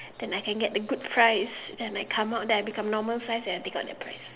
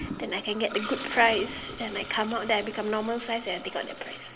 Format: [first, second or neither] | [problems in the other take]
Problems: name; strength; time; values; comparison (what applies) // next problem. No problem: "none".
first | background sound (Toilet flush); 12 dB below the speech